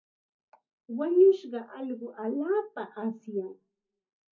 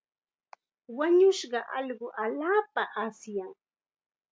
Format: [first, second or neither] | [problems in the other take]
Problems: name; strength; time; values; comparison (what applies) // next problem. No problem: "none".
second | room echo; dies away in 0.4 s